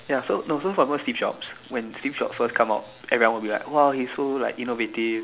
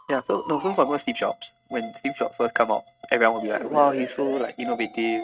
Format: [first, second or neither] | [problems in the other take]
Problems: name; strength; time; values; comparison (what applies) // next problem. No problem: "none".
first | noise reduction (neural mask model RNNoise)